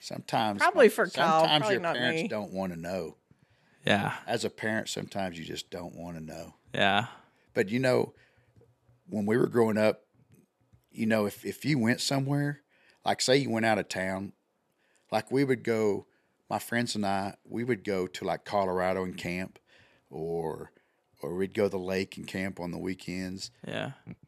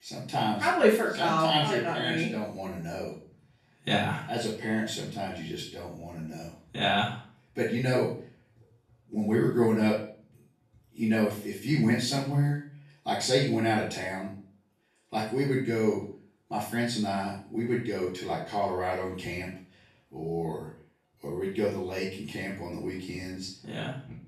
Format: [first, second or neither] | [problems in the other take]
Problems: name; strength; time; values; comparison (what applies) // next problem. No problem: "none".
first | off-mic speech; far // room echo; noticeable; dies away in 0.4 s